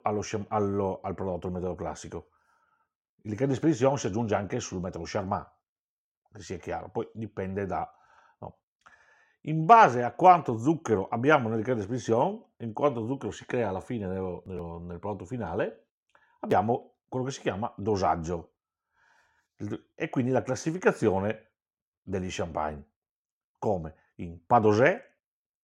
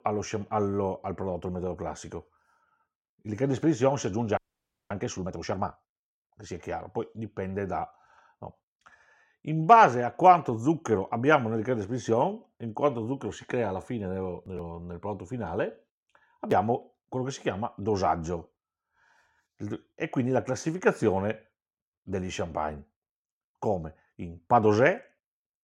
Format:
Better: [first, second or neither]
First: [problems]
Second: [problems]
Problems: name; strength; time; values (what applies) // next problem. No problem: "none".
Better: first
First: none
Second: audio freezing; at 4.5 s for 0.5 s